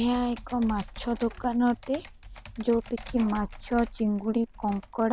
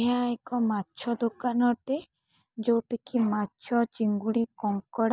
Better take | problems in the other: second | background sound (Computer keyboard); 15 dB below the speech

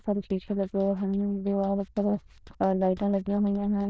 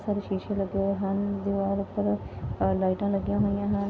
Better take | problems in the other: second | noise reduction (neural diffusion model UNIVERSE++)

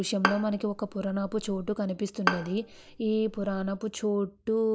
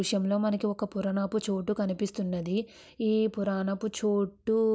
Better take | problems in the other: second | background sound (Bowed string instrument); 5 dB below the speech

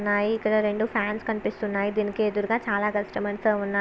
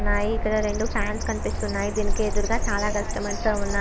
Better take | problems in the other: first | background sound (Bird); 2 dB above the speech

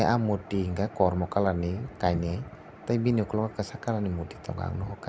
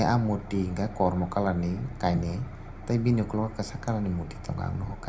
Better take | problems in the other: first | background sound (Bus); 14 dB below the speech // room echo; dies away in 0.4 s

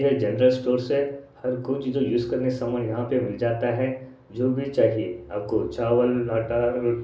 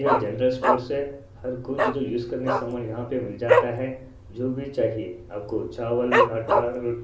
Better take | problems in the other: first | background sound (Dog); 1 dB above the speech

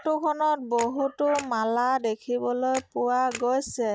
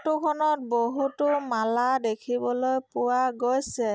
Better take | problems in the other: second | background sound (Camera); 19 dB below the speech

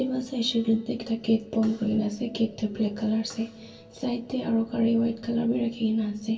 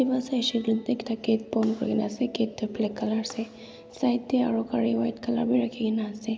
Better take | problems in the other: second | room echo; dies away in 0.1 s

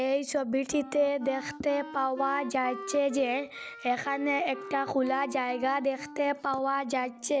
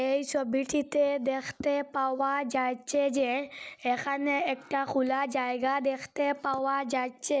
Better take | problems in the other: second | background sound (Wind instrument, woodwind instrument); 15 dB below the speech

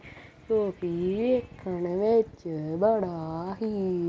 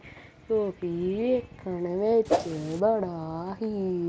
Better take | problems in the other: first | background sound (Whoosh, swoosh, swish); as loud as the speech

